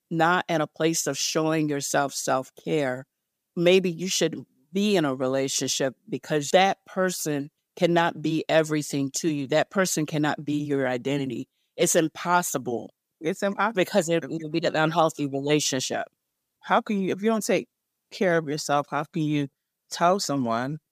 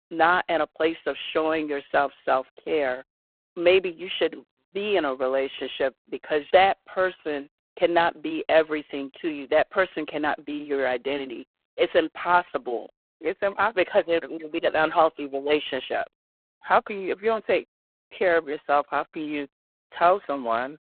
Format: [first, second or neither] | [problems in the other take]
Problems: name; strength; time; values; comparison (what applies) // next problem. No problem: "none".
first | phone-call audio; poor line